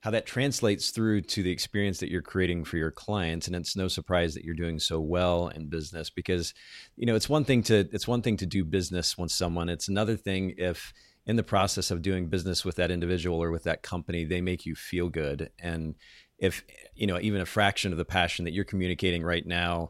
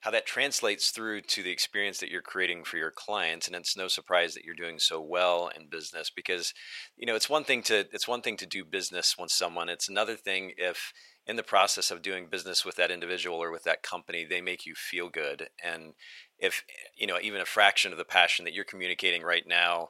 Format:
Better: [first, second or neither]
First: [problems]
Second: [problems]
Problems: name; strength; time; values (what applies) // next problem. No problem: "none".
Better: first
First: none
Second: thin; very; fading below 700 Hz